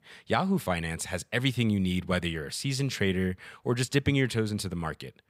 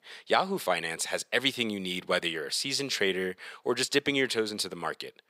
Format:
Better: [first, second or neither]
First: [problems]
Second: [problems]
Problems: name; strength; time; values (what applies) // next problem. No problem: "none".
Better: first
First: none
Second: thin; somewhat; fading below 400 Hz